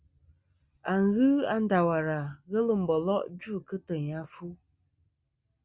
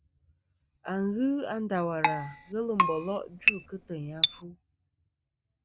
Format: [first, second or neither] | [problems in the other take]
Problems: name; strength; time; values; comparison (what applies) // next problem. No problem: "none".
first | background sound (Keyboard (musical)); 4 dB above the speech